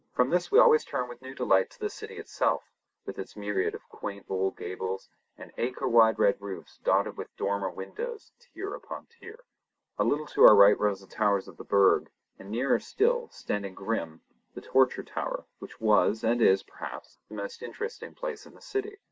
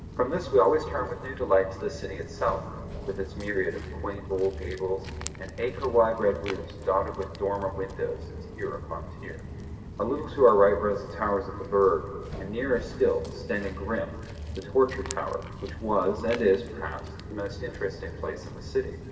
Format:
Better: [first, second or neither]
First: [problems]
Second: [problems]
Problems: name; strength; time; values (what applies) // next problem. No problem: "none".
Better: first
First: none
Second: background sound (Walk, footsteps); 11 dB below the speech // room echo; dies away in 2.3 s